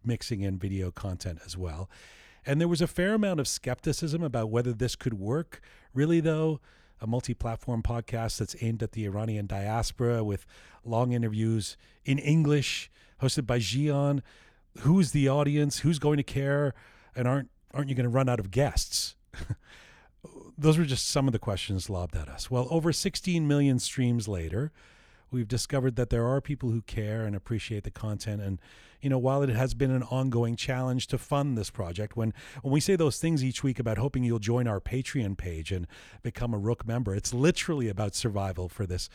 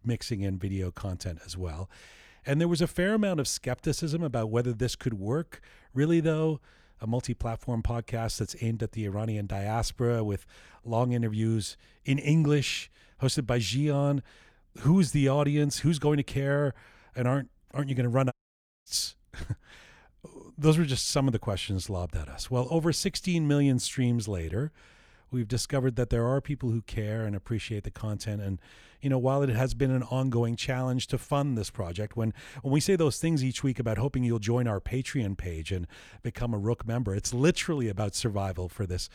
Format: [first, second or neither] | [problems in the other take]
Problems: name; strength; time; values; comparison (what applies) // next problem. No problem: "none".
first | audio cutting out; at 18 s for 0.5 s